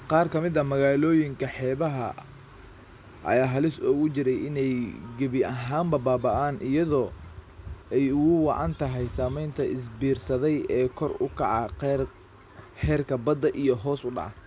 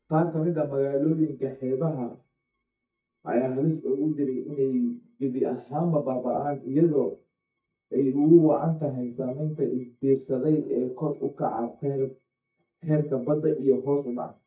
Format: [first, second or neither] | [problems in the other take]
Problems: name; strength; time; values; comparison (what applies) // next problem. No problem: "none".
first | noise reduction (neural mask model DeepFilterNet 3)